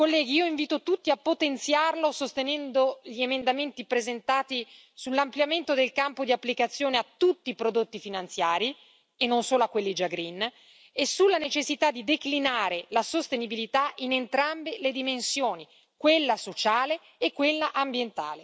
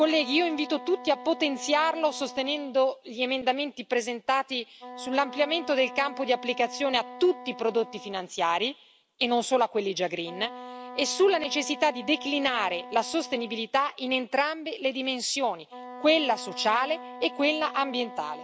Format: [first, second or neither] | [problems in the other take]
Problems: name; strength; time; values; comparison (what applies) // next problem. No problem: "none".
first | background sound (Wind instrument, woodwind instrument); 16 dB below the speech